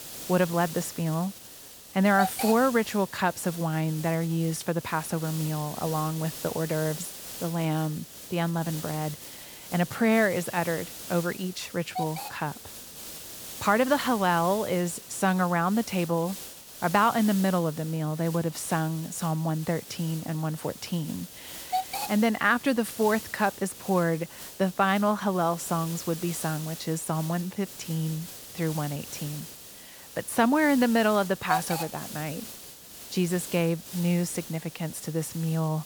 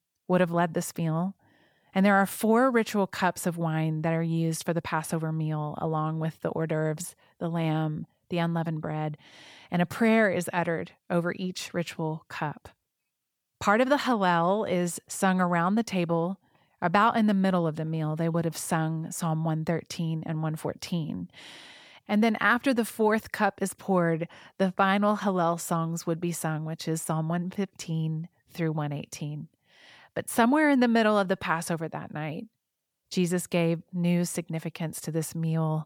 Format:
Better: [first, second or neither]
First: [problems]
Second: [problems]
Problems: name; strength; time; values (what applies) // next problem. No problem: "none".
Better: second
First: hiss; noticeable; throughout; 10 dB below the speech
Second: none